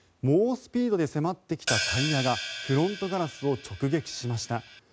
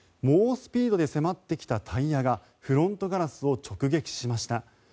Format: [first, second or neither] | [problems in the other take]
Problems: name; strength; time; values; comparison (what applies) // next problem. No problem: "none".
second | background sound (Hi-hat); 6 dB below the speech